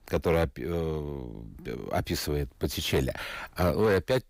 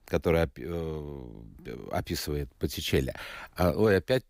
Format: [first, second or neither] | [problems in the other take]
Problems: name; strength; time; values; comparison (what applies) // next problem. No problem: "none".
second | distortion; slight; 10 dB below the speech